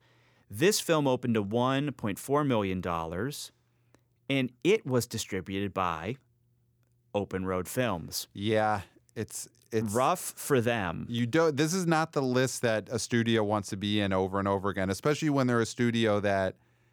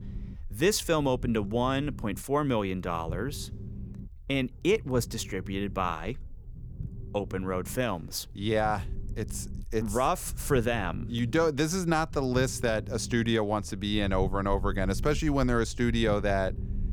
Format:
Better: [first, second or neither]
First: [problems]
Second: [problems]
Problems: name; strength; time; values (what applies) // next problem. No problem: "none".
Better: first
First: none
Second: low rumble; faint; throughout; 25 dB below the speech